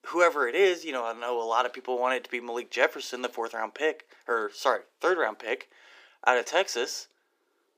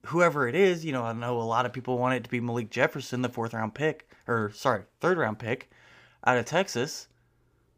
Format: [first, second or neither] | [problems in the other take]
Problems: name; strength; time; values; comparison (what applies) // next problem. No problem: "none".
second | thin; very; fading below 350 Hz